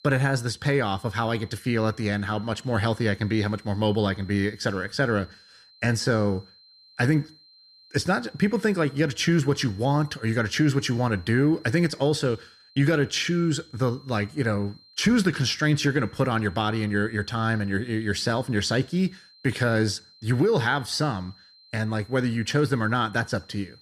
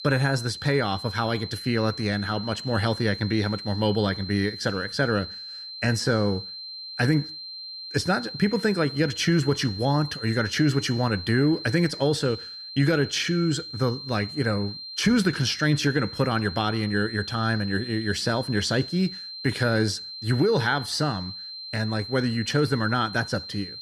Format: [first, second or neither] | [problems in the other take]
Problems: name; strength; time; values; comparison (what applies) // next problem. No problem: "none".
first | high-pitched whine; loud; throughout; 4 kHz, 10 dB below the speech; faint in the first